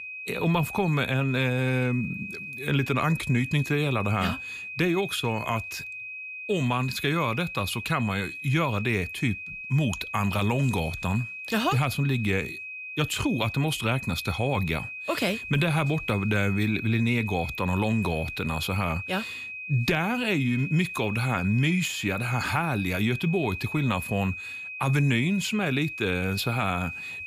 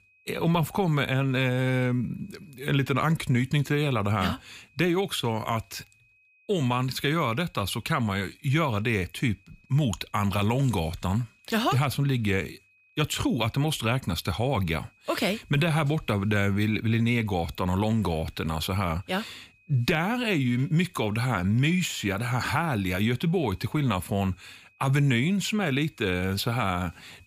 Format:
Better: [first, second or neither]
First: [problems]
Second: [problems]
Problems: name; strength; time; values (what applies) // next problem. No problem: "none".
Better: second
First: high-pitched whine; loud; throughout; 2.5 kHz, 8 dB below the speech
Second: high-pitched whine; faint; throughout; 2.5 kHz, 35 dB below the speech